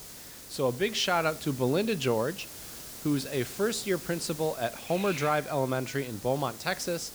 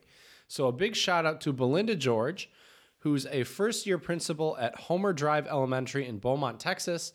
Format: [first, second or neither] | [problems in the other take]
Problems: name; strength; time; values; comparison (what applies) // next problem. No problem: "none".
second | hiss; noticeable; throughout; 10 dB below the speech